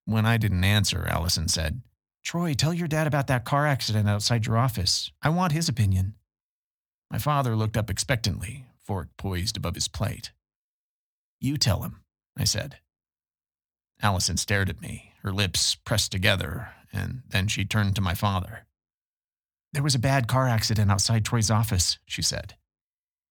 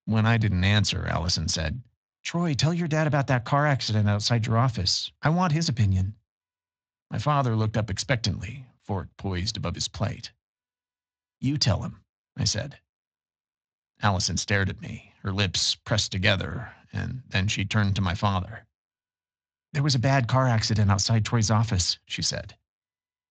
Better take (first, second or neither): first